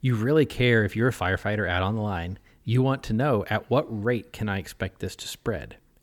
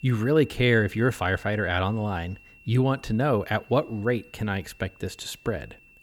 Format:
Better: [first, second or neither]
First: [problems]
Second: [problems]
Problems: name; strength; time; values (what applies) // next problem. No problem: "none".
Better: first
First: none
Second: high-pitched whine; faint; throughout; 2.5 kHz, 25 dB below the speech